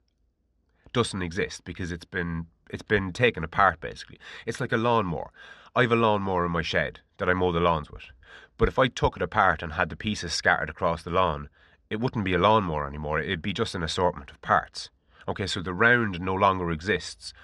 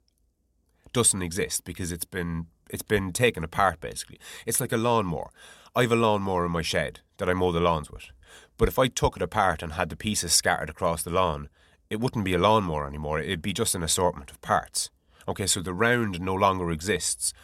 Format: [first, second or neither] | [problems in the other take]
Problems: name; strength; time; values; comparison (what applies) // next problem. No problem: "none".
second | muffled; slightly; fading above 4.5 kHz